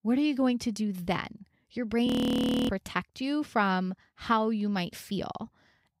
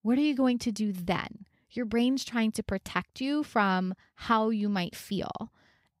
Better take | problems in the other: second | audio freezing; at 2 s for 0.5 s

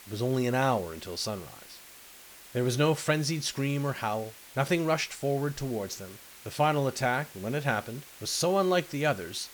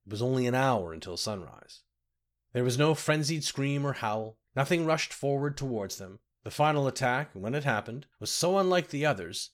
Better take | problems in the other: second | hiss; noticeable; throughout; 20 dB below the speech

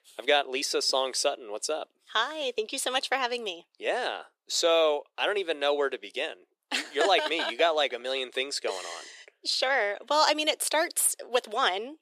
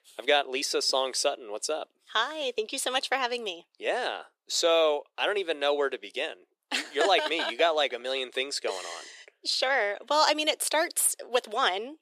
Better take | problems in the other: neither | thin; very; fading below 350 Hz; the same in both

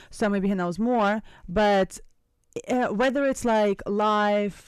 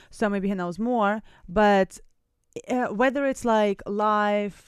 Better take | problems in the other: second | distortion; slight; 10 dB below the speech

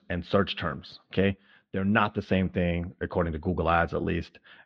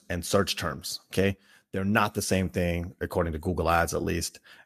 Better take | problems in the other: second | muffled; very; fading above 3.5 kHz

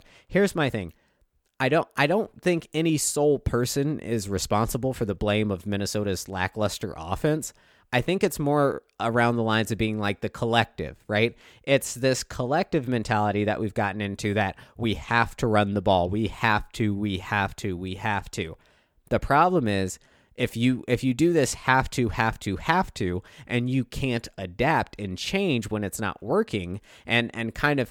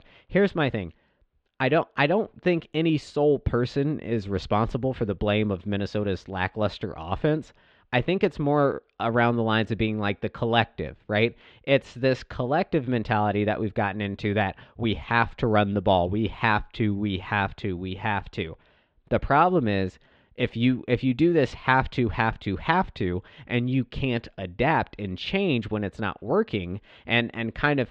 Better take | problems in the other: first | muffled; slightly; fading above 3.5 kHz

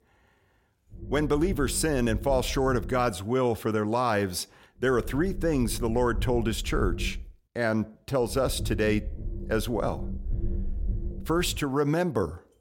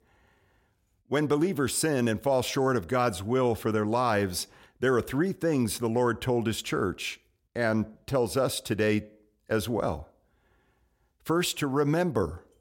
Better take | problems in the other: second | low rumble; faint; from 1 to 3 s, from 5 to 7 s and from 8.5 to 12 s; 20 dB below the speech

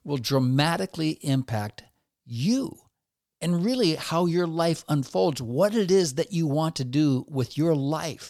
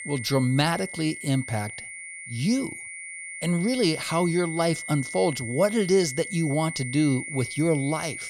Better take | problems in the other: first | high-pitched whine; loud; throughout; 2 kHz, 9 dB below the speech

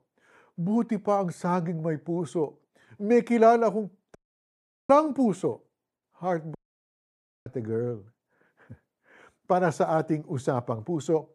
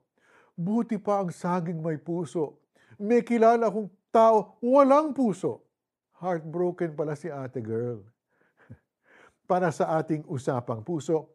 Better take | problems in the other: second | audio cutting out; at 4 s for 0.5 s and at 6.5 s for 1 s

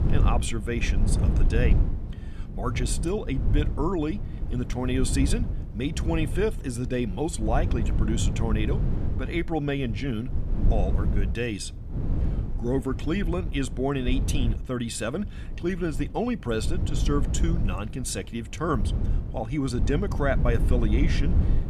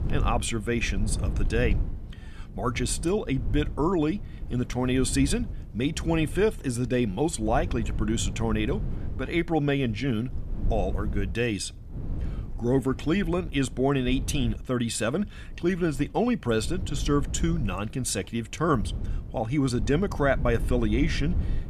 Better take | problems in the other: second | wind noise on the microphone; heavy; 10 dB below the speech; occasional gusts in the second

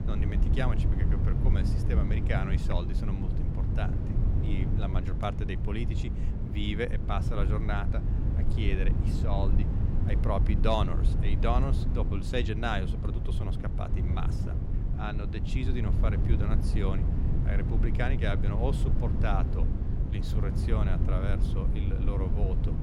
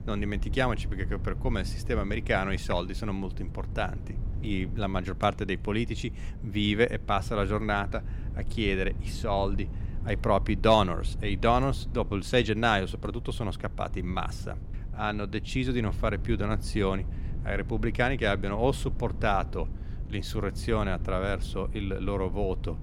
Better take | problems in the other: second | low rumble; loud; throughout; 5 dB below the speech; faint in the second

